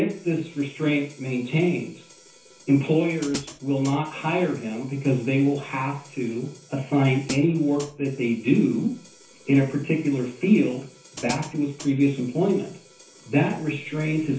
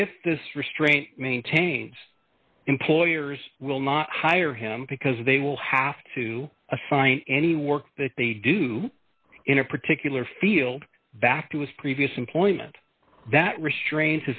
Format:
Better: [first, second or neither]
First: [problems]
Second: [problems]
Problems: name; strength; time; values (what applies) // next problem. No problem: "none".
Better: second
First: background sound (Hi-hat); 20 dB below the speech // room echo; dies away in 0.9 s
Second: none